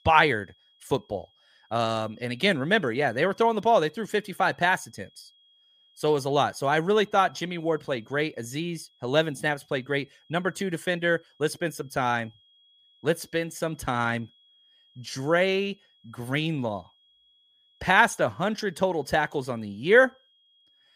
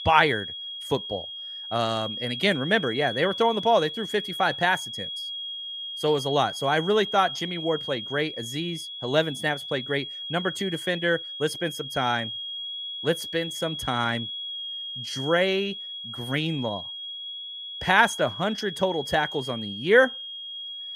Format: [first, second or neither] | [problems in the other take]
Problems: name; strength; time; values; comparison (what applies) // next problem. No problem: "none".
first | high-pitched whine; loud; throughout; 3.5 kHz, 7 dB below the speech; faint in the first